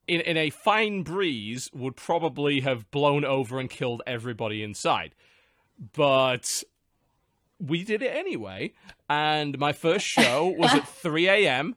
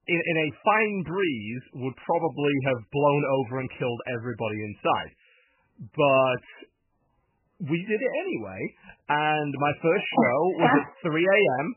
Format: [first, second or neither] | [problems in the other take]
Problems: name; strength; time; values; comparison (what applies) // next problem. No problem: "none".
first | garbled, watery; badly; nothing above 3 kHz